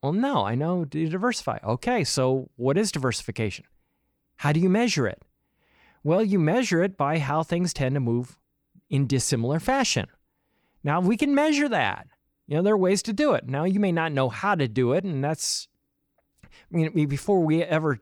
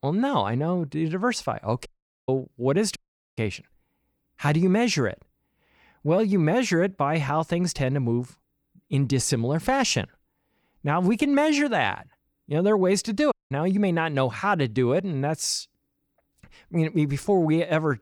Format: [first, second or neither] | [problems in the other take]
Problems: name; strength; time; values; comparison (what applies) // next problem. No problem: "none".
first | audio cutting out; at 2 s, at 3 s and at 13 s